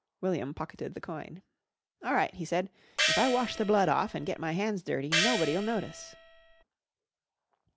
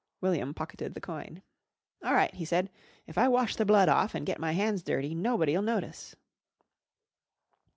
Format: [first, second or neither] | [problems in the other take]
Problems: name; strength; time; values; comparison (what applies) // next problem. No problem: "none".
second | background sound (Gong); 1 dB below the speech